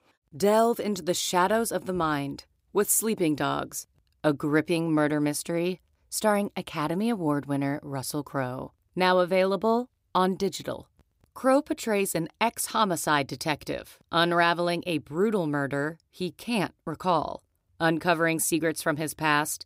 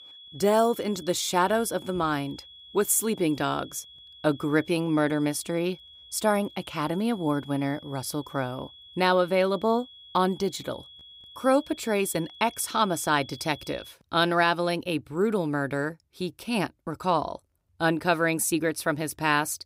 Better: first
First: none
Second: high-pitched whine; noticeable; until 14 s; 3.5 kHz, 20 dB below the speech

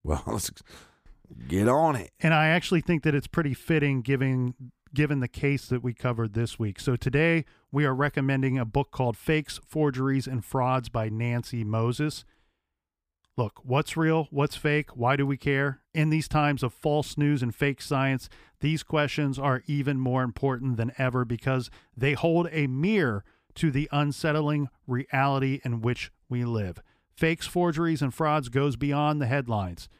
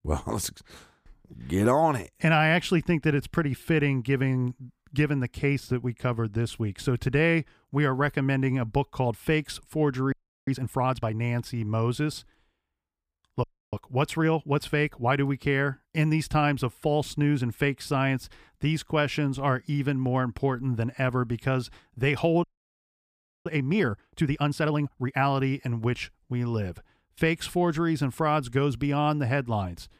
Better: first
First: none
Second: audio freezing; at 10 s, at 13 s and at 22 s for 1 s

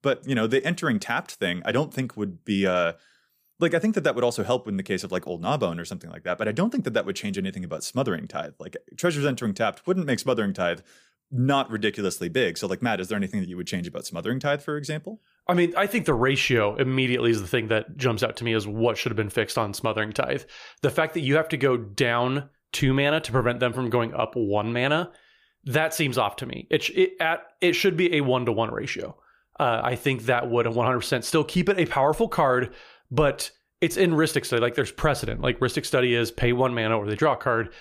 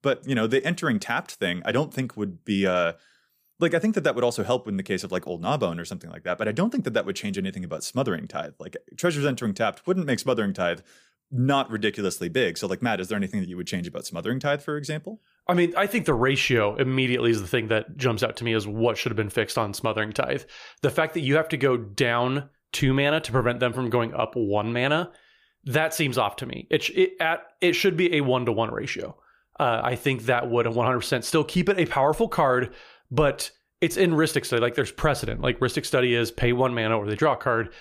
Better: neither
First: none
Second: none

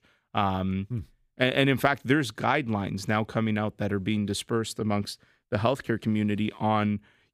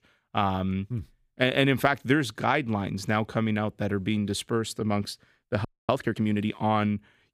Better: first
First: none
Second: audio freezing; at 5.5 s

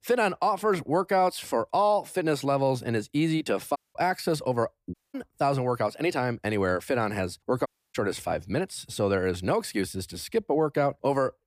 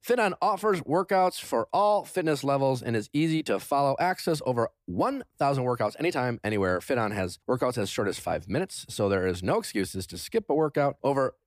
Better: second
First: audio cutting out; at 4 s, at 5 s and at 7.5 s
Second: none

